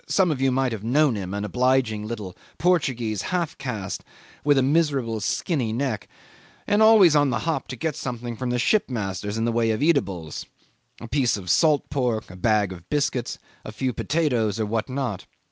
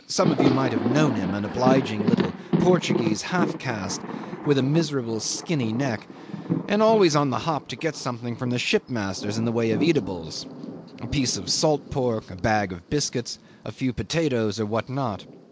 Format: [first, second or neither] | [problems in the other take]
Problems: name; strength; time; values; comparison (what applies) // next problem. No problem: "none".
first | background sound (Thunder); 5 dB below the speech